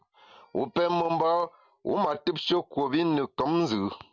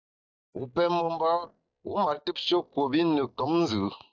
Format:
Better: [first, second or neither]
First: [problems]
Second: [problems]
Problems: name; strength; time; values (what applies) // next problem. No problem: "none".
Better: first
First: none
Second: noise reduction (neural mask model DeepFilterNet 3)